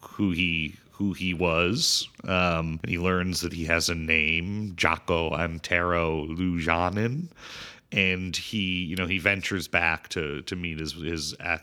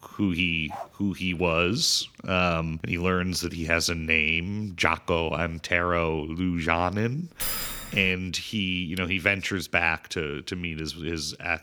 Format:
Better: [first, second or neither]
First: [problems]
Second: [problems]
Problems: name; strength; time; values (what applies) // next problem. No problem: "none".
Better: first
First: none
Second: dog barking; faint; at 0.5 s; peak 15 dB below the speech // jangling keys; noticeable; at 7.5 s; peak 2 dB below the speech